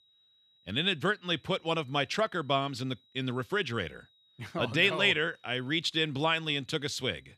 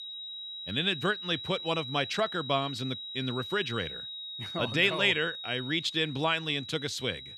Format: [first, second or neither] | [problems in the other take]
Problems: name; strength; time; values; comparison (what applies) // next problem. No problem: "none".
first | high-pitched whine; loud; throughout; 4 kHz, 8 dB below the speech; faint in the first